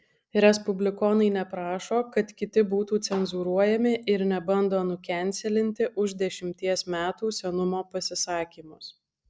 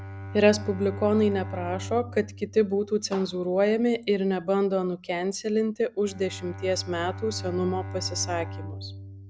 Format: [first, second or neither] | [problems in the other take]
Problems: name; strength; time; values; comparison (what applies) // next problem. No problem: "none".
first | background sound (Bowed string instrument); 12 dB below the speech